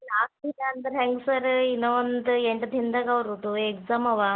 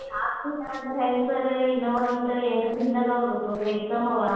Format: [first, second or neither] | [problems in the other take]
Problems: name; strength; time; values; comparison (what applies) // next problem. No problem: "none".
first | noise reduction (neural separator model SepFormer DNS4)